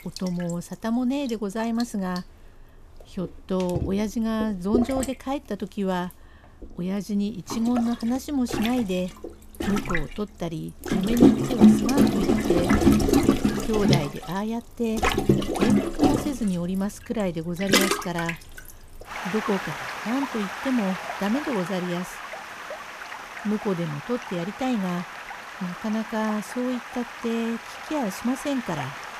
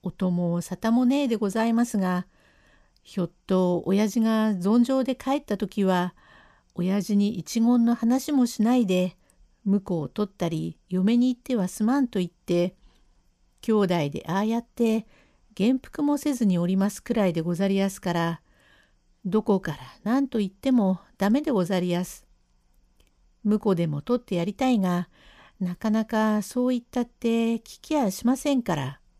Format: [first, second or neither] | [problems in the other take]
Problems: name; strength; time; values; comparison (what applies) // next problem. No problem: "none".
second | rain or running water; very loud; throughout; 2 dB above the speech